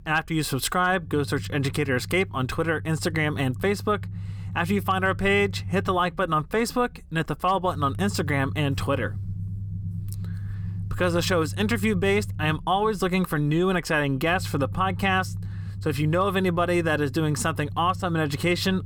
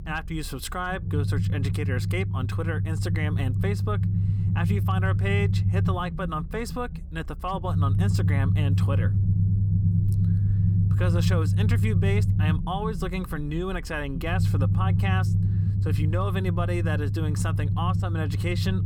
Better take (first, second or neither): first